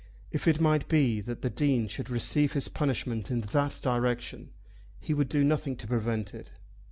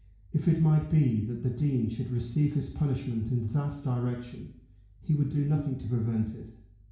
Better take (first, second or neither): first